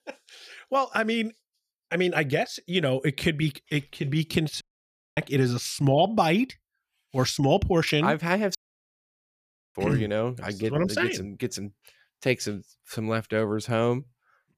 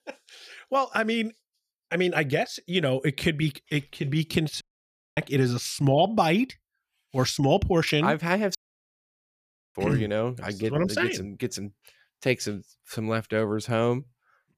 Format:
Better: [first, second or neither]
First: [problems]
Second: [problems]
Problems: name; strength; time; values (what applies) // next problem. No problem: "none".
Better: neither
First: audio cutting out; at 4.5 s for 0.5 s and at 8.5 s for 1 s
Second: audio cutting out; at 4.5 s for 0.5 s and at 8.5 s for 1 s